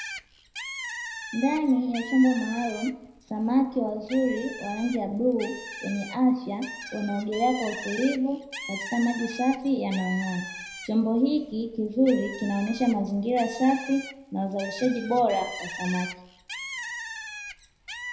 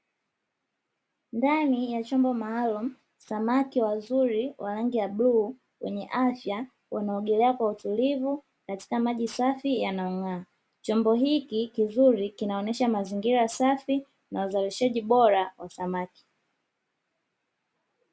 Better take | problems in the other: second | background sound (Bird); 12 dB below the speech // room echo; dies away in 0.6 s

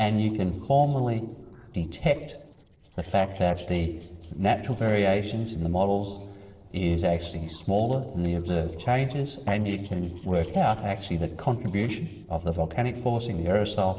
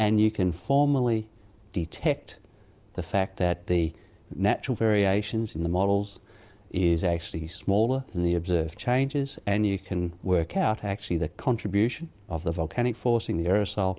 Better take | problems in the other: second | noise reduction (neural separator model SepFormer DNS4)

